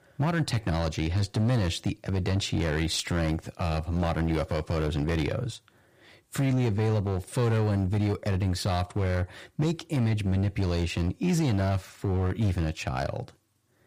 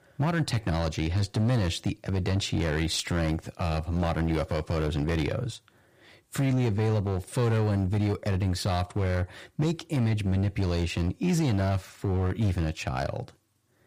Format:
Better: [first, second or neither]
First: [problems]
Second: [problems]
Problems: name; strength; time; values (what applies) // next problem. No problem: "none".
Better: neither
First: distortion; slight; 13% of the sound clipped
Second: distortion; slight; 13% of the sound clipped